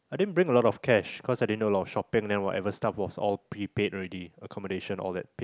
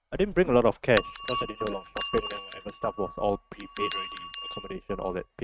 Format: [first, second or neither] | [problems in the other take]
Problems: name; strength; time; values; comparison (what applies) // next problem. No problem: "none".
first | noise reduction (neural mask model RNNoise)